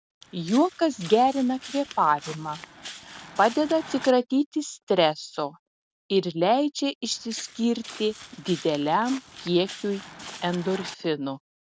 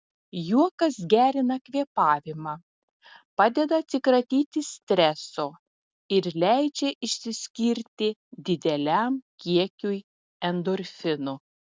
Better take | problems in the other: second | background sound (Walk, footsteps); 16 dB below the speech

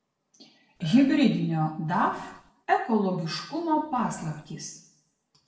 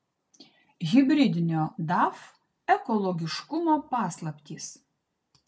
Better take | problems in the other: second | background sound (Burping, eructation); 20 dB below the speech // room echo; dies away in 0.6 s

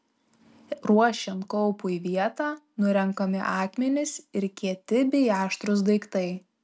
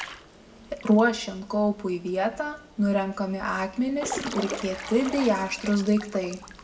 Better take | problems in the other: first | background sound (Drip / Trickle, dribble / Water / Splash, splatter); 13 dB below the speech // room echo; dies away in 0.6 s

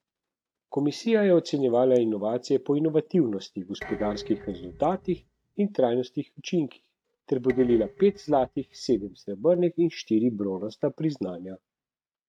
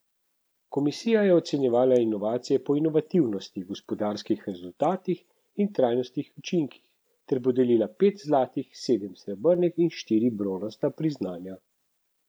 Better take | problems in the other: second | noise reduction (neural mask model RNNoise)

